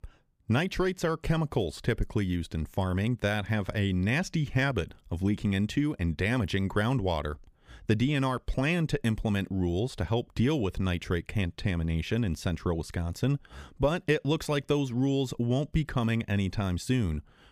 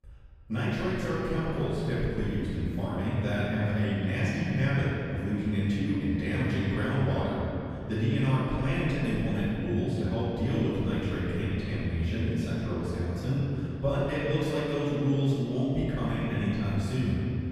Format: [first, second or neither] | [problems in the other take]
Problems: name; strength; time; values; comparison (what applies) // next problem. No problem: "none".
first | off-mic speech; far // room echo; strong; dies away in 3 s